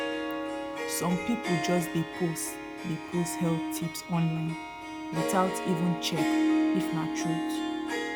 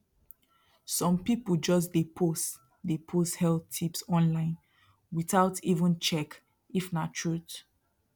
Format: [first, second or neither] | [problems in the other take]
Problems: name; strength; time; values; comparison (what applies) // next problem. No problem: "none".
second | background sound (Harp); as loud as the speech